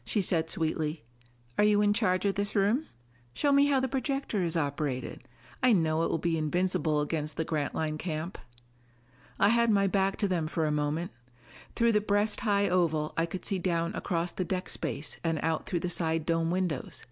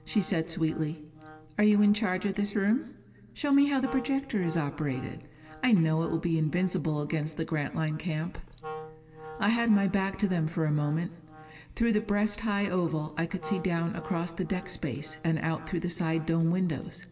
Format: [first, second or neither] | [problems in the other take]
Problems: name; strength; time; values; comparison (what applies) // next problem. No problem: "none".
first | background sound (Wind instrument, woodwind instrument); 19 dB below the speech // room echo; dies away in 1.7 s